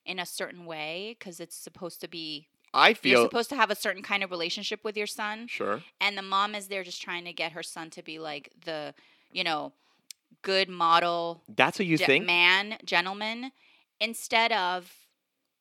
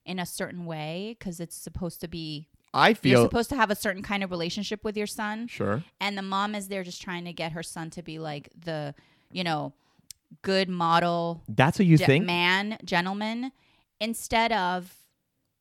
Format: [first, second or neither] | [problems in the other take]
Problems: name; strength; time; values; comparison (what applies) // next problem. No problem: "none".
second | thin; somewhat; fading below 350 Hz